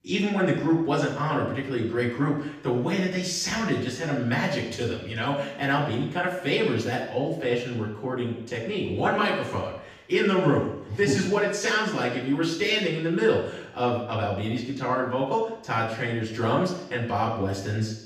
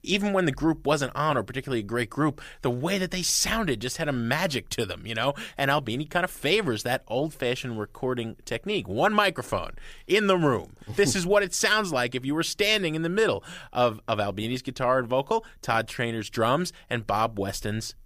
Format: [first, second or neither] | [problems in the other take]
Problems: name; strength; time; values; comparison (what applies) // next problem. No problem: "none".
second | room echo; noticeable; dies away in 0.8 s // off-mic speech; far